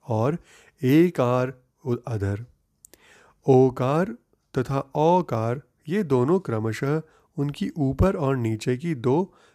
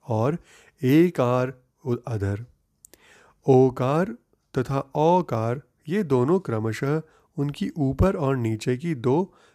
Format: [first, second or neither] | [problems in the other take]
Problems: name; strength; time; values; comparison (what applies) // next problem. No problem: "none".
neither | none